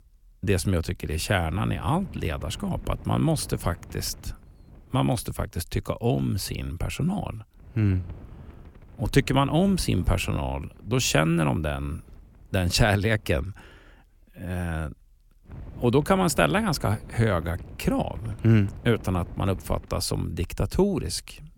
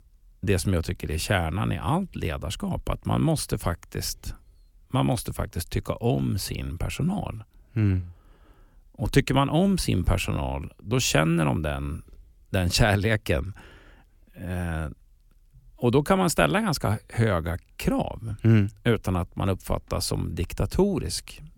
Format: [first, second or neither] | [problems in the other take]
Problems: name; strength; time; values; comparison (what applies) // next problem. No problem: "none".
second | wind noise on the microphone; occasional gusts; from 1.5 to 5.5 s, from 7.5 to 13 s and from 15 to 20 s; 25 dB below the speech